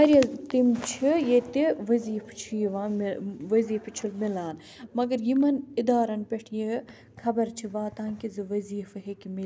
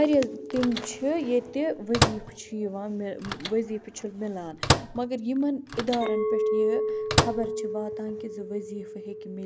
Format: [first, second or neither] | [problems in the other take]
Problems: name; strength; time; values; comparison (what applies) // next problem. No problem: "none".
first | background sound (Microwave oven + Chink, clink); 1 dB below the speech